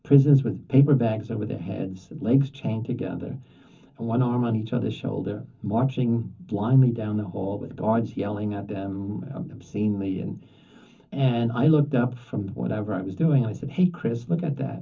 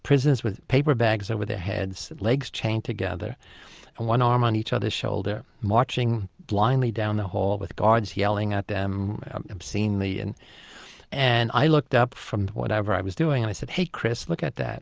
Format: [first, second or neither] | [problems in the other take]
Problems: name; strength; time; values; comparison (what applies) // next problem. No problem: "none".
second | room echo; dies away in 0.3 s